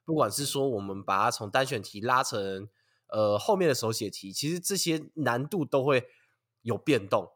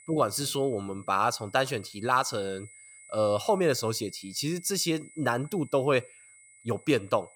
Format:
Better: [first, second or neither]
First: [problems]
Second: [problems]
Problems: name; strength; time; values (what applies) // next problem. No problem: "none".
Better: first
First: none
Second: high-pitched whine; faint; throughout; 2 kHz, 20 dB below the speech